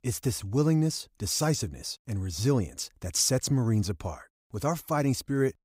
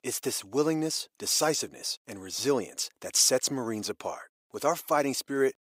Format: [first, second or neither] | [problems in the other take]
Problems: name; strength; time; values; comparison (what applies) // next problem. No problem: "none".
first | thin; somewhat; fading below 450 Hz